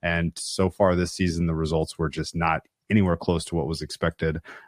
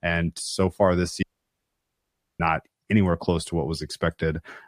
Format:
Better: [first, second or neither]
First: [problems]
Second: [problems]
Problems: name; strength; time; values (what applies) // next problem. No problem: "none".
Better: first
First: none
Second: audio cutting out; at 1 s for 1 s